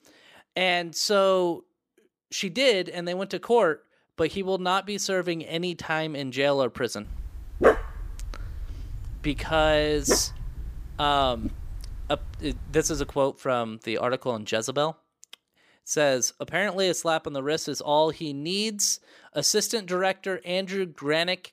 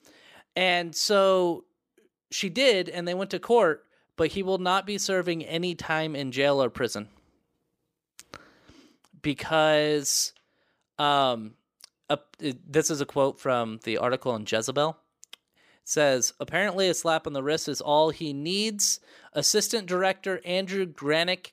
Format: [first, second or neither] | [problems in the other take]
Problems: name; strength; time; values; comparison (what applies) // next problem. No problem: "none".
second | dog barking; loud; from 7 to 13 s; peak 4 dB above the speech